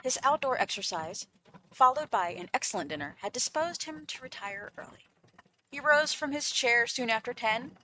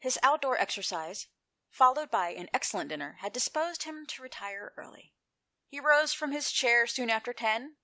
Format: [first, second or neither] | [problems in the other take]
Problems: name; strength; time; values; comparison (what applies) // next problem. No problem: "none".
second | noise reduction (neural mask model RNNoise)